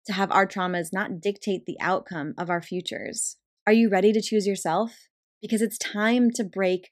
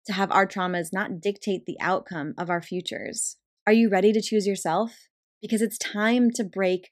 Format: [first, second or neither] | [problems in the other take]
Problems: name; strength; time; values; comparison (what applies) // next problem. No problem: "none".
neither | none